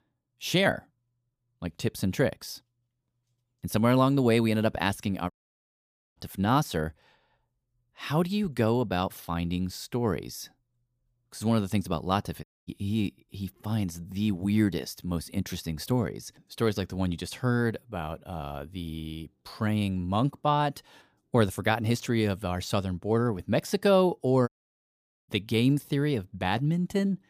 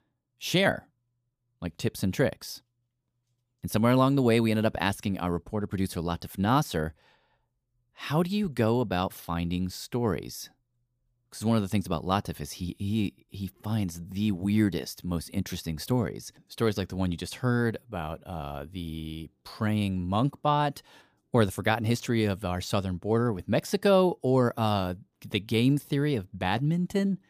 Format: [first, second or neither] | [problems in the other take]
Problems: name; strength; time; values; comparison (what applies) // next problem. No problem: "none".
second | audio cutting out; at 5.5 s for 1 s, at 12 s and at 24 s for 1 s